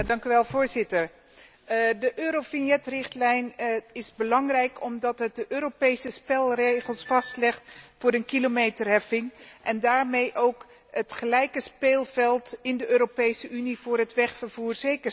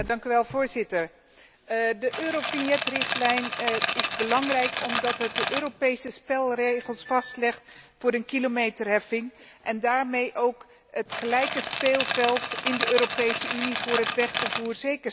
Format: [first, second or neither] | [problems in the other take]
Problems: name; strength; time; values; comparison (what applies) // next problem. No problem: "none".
first | background sound (Rattle); 2 dB below the speech